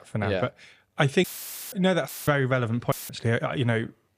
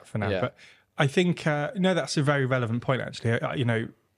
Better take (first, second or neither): second